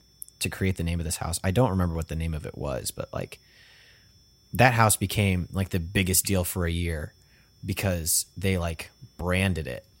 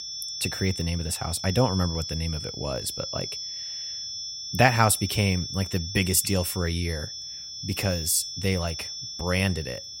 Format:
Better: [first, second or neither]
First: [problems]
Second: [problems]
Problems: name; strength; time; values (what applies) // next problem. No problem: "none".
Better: first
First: high-pitched whine; faint; throughout; 5.5 kHz, 35 dB below the speech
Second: high-pitched whine; loud; throughout; 5.5 kHz, 6 dB below the speech